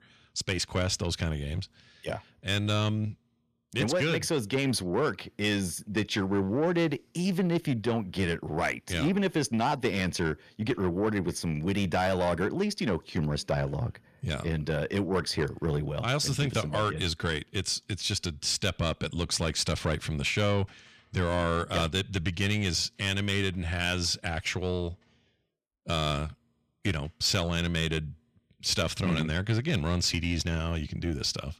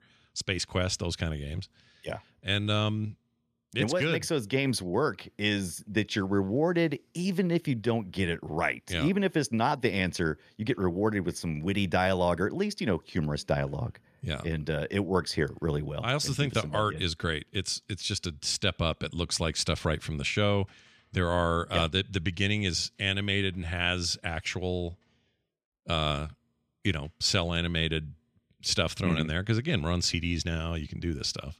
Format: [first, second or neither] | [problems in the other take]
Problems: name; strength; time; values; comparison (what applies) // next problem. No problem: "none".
second | distortion; slight; 10 dB below the speech